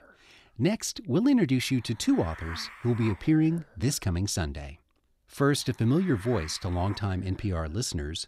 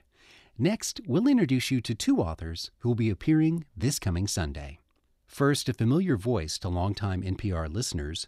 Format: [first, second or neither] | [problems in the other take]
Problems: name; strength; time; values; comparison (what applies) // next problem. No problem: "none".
second | hiss; noticeable; throughout; 20 dB below the speech